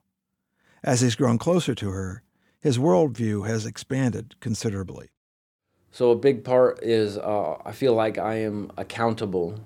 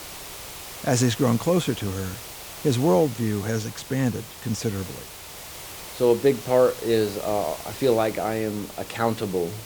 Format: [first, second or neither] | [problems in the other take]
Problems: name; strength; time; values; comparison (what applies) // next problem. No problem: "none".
first | hiss; noticeable; throughout; 15 dB below the speech